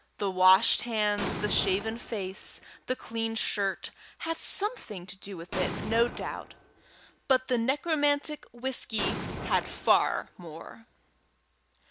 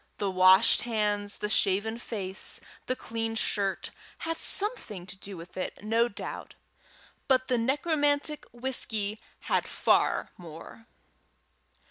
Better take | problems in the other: second | background sound (Explosion); 8 dB below the speech

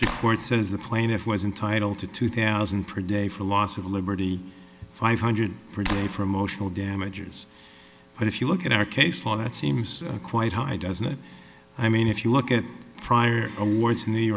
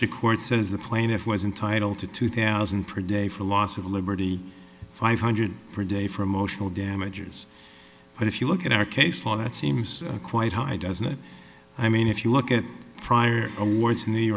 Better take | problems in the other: second | background sound (Clapping); 10 dB below the speech

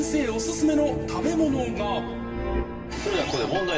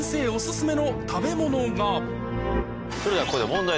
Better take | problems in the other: second | room echo; dies away in 1.3 s

